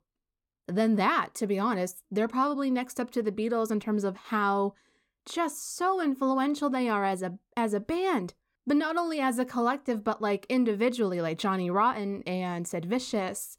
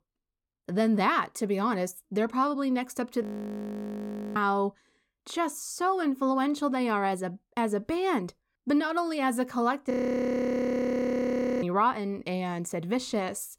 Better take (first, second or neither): first